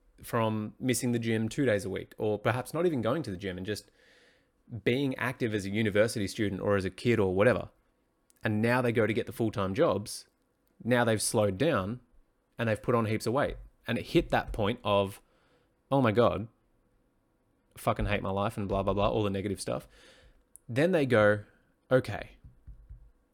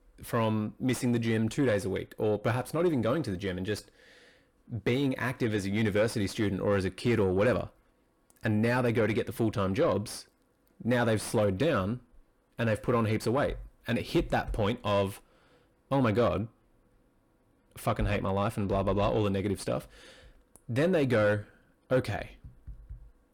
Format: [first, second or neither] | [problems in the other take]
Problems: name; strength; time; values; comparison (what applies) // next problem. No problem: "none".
first | distortion; slight; 10 dB below the speech